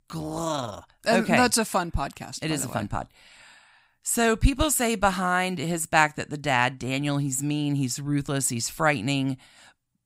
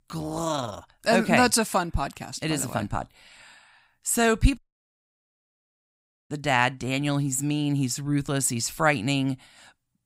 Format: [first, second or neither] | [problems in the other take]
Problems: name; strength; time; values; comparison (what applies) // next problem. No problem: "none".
first | audio cutting out; at 4.5 s for 1.5 s